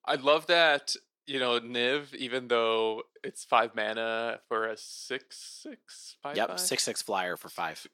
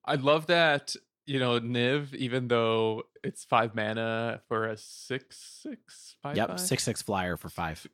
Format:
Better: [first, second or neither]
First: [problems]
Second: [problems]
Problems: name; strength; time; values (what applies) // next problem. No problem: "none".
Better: second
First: thin; somewhat; fading below 350 Hz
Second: none